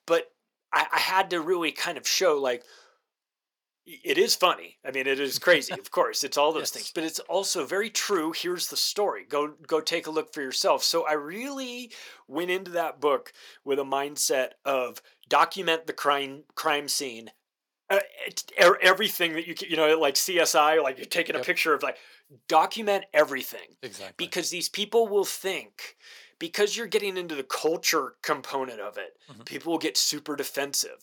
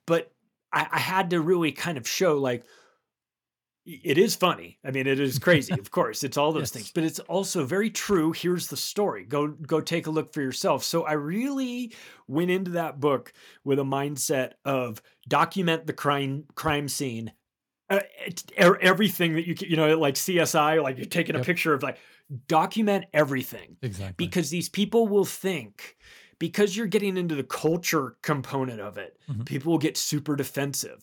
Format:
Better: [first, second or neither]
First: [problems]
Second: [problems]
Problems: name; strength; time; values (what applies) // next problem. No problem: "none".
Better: second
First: thin; somewhat; fading below 500 Hz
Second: none